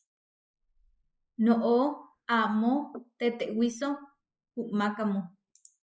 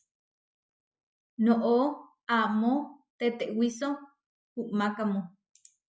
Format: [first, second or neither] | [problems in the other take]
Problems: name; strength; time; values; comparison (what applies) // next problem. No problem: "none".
second | noise reduction (neural mask model Resemble Enhance denoiser)